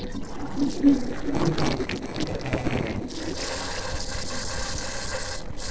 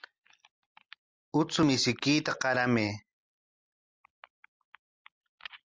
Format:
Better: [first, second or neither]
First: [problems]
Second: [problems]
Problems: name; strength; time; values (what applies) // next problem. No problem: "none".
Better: second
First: noise reduction (neural separator model SepFormer DNS4)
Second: none